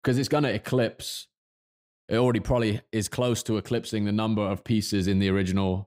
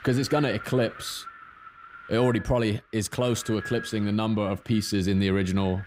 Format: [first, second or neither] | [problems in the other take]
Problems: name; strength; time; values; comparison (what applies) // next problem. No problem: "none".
first | wind noise on the microphone; occasional gusts; 10 dB below the speech